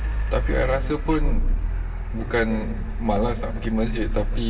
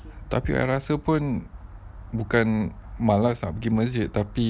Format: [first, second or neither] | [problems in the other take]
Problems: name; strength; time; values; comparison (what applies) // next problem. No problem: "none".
second | background sound (Car); 2 dB above the speech // room echo; dies away in 1.3 s